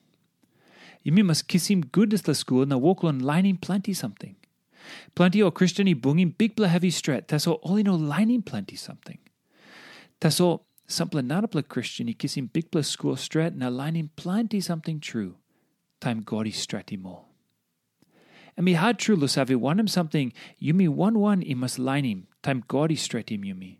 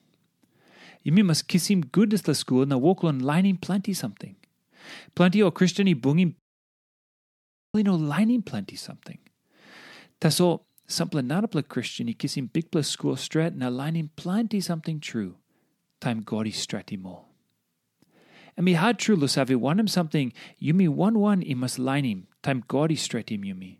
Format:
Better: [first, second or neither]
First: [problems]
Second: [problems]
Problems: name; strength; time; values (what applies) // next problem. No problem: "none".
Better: first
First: none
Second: audio cutting out; at 6.5 s for 1.5 s